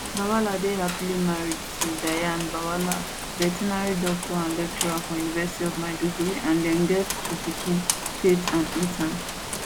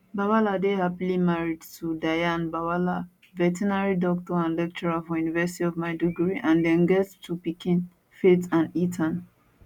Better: second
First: background sound (Rain); 5 dB below the speech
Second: none

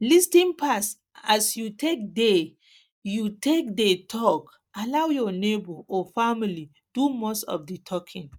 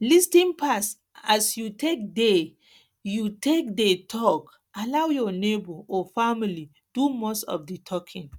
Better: second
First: noise reduction (neural mask model Resemble Enhance denoiser)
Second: none

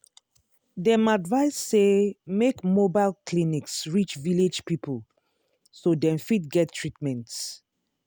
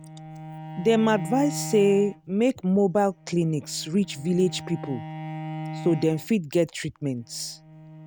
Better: first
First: none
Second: background sound (Bowed string instrument); 13 dB below the speech

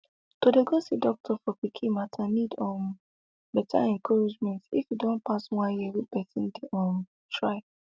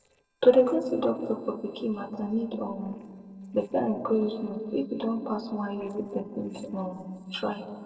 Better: first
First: none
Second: noise reduction (neural separator model SepFormer DNS4)

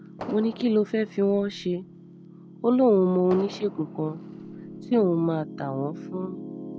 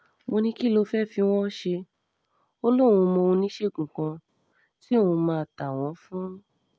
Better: second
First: background sound (Piano + Fireworks); 14 dB below the speech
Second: none

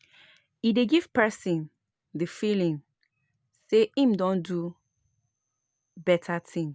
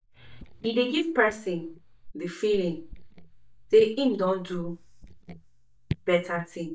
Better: first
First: none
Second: noise reduction (neural mask model DeepFilterNet 3)

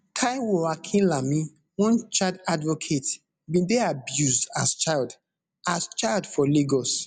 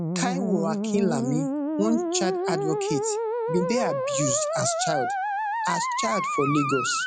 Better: first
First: none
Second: background sound (Musical instrument); 1 dB above the speech

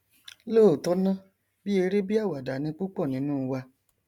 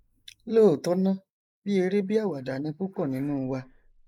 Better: first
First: none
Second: noise reduction (neural mask model Resemble Enhance denoiser)

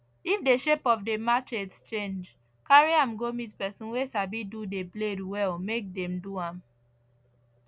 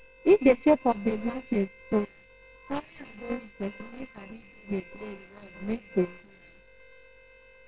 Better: first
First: none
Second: noise reduction (neural separator model SepFormer WHAMR!)

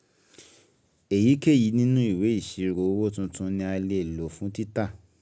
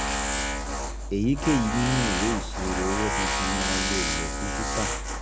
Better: first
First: none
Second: background sound (Tools); 2 dB above the speech

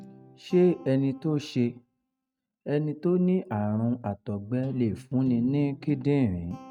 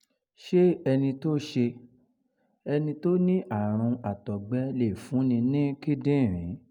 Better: second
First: noise reduction (neural mask model RNNoise)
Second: none

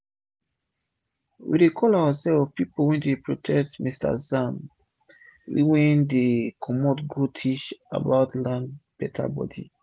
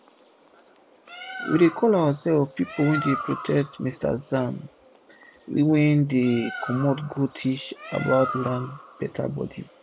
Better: first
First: none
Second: background sound (Bird); 13 dB below the speech

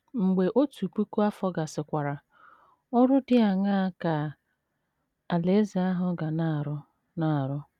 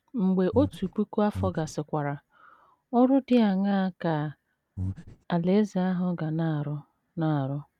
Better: first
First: none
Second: background sound (Breathing); 7 dB below the speech

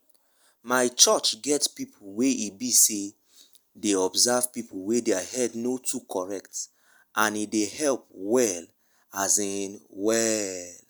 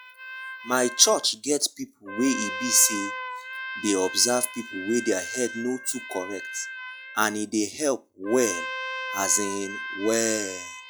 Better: first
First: none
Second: noise reduction (classical method log-MMSE)

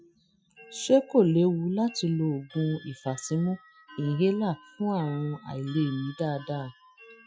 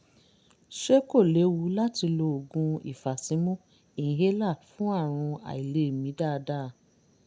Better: second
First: noise reduction (classical method Wiener filter)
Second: none

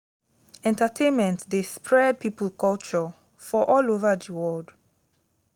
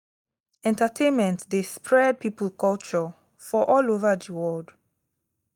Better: first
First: none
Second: noise reduction (neural mask model DeepFilterNet 3)

